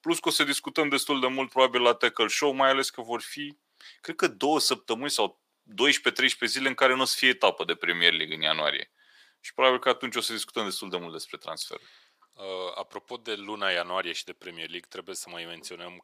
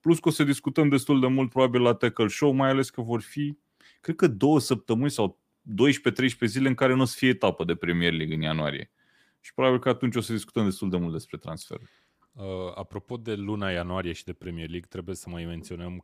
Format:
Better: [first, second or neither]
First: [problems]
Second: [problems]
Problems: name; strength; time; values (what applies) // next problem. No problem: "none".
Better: second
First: thin; somewhat; fading below 600 Hz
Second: none